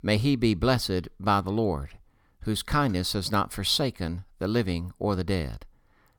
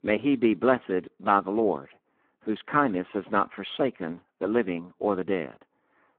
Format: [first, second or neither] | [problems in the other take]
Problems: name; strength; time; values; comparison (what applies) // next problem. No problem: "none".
first | phone-call audio; poor line